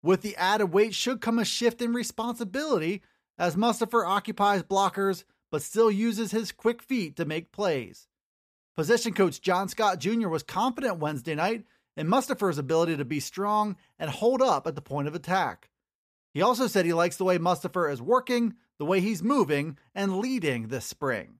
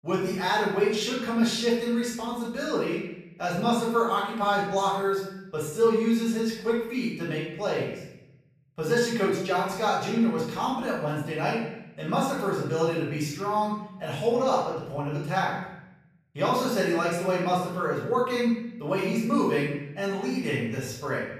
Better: first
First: none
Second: room echo; noticeable; dies away in 0.8 s // off-mic speech; far

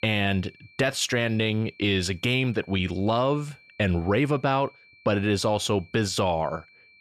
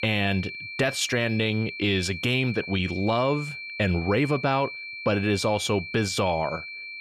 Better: first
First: high-pitched whine; faint; throughout; 2.5 kHz, 25 dB below the speech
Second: high-pitched whine; loud; throughout; 2.5 kHz, 9 dB below the speech

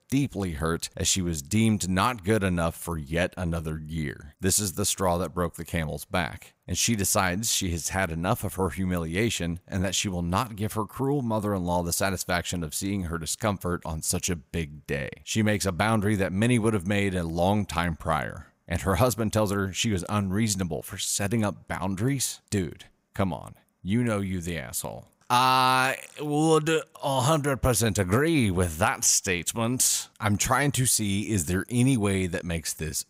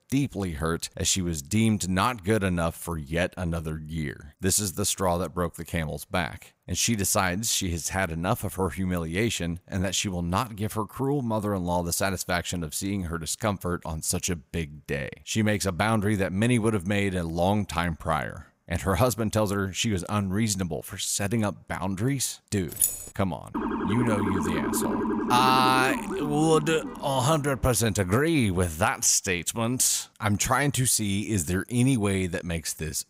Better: first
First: none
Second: jangling keys; loud; at 23 s; peak 2 dB above the speech // siren; noticeable; from 24 to 27 s; peak 1 dB below the speech

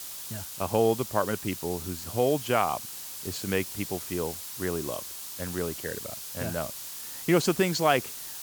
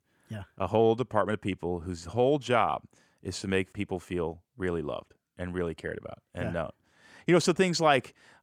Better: second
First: hiss; loud; throughout; 7 dB below the speech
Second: none

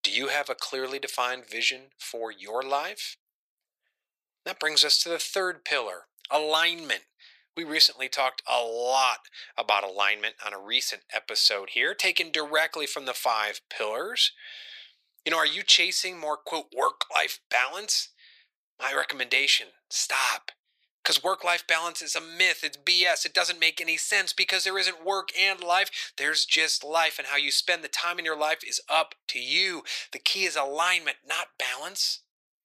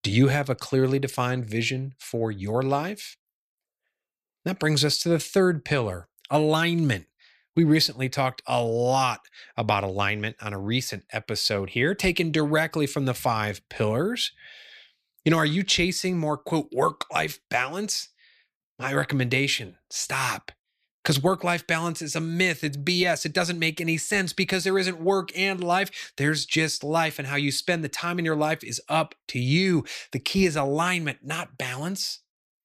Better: second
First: thin; very; fading below 550 Hz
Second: none

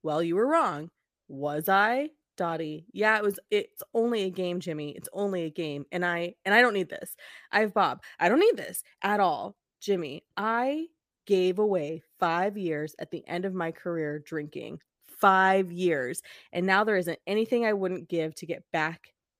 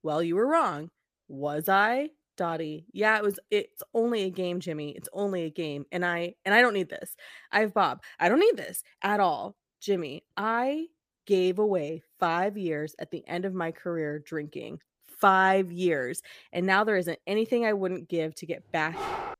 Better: first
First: none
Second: dog barking; noticeable; at 19 s; peak 6 dB below the speech

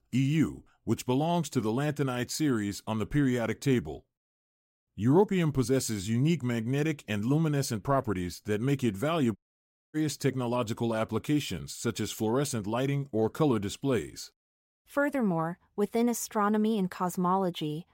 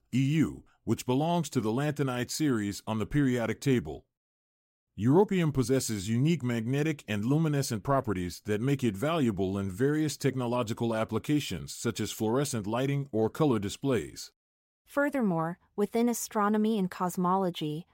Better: second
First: audio cutting out; at 9.5 s for 0.5 s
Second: none

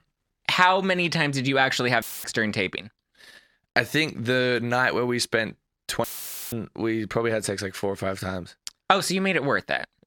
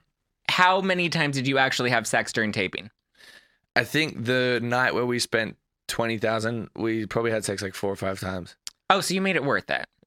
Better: second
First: audio cutting out; filled with static; at 2 s and at 6 s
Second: none

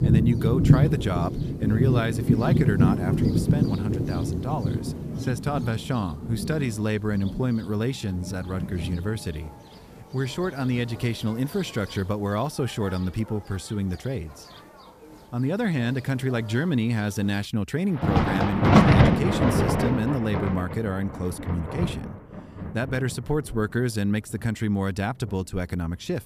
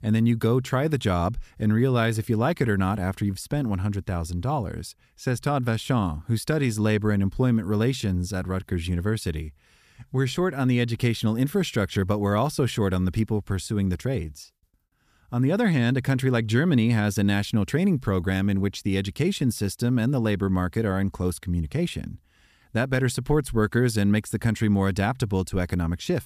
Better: second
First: rain or running water; very loud; throughout; 3 dB above the speech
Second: none

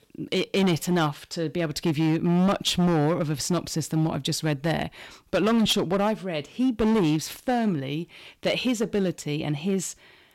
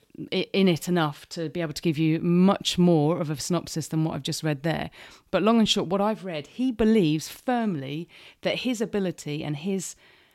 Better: second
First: distortion; slight; 10% of the sound clipped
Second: none

